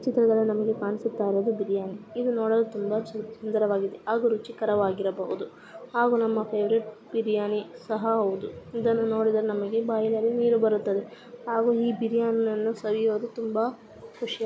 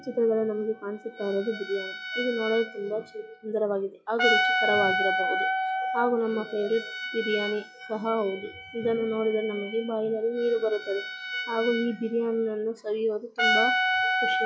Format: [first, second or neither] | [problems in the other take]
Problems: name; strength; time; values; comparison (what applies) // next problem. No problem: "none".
first | noise reduction (classical method log-MMSE)